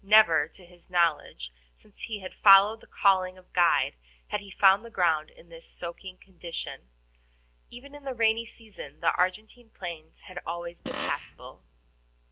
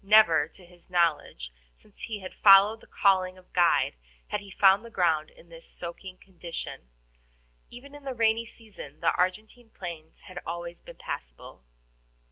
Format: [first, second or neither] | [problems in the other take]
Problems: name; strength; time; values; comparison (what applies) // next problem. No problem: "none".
second | background sound (Fart); 9 dB below the speech